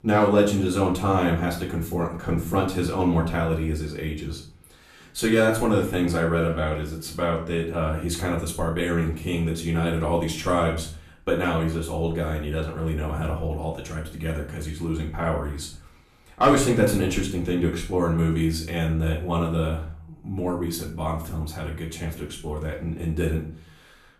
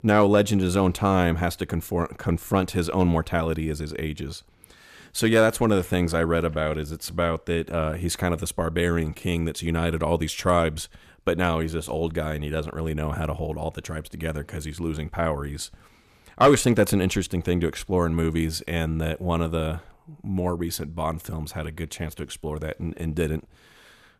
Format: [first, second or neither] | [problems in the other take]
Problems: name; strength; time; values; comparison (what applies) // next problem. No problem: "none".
second | room echo; slight; dies away in 0.4 s // off-mic speech; far